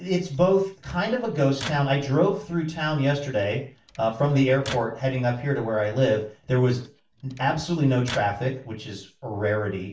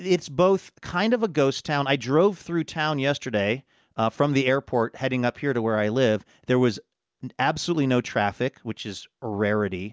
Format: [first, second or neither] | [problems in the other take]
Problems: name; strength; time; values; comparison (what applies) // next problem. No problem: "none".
second | background sound (Microwave oven); 18 dB below the speech // room echo; dies away in 0.4 s